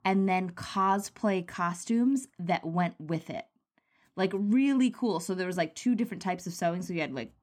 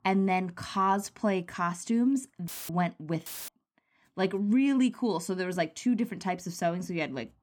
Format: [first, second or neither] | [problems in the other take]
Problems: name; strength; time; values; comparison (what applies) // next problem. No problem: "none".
first | audio cutting out; filled with static; at 2.5 s and at 3.5 s